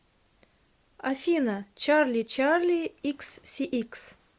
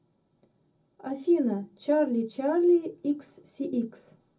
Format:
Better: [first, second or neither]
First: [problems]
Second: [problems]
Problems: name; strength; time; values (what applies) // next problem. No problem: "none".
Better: first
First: none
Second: room echo; dies away in 0.4 s